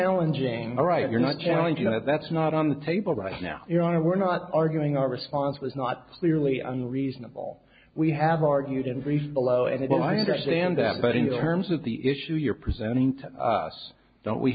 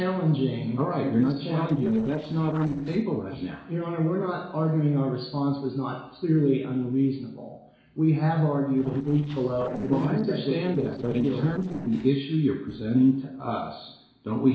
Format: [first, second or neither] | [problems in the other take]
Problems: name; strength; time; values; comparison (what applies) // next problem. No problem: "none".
first | noise reduction (neural separator model SepFormer DNS4)